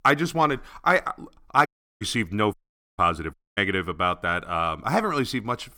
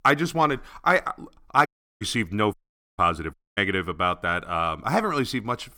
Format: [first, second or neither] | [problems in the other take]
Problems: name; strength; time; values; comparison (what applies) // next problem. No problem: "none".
neither | audio cutting out; at 1.5 s, at 2.5 s and at 3.5 s; the same in both